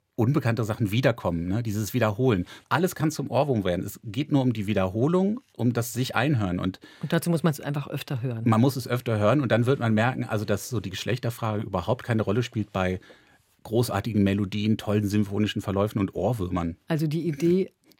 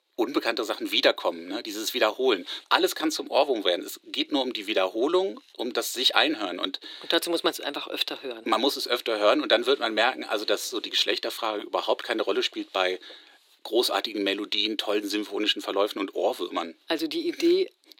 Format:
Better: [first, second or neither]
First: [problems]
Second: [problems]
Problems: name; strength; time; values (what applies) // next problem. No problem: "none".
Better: first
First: none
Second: thin; very; fading below 300 Hz